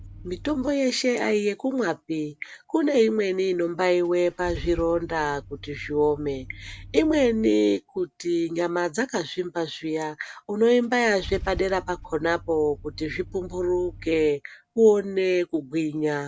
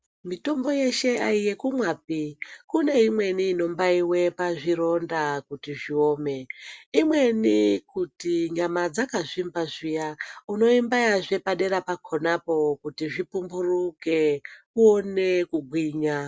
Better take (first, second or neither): second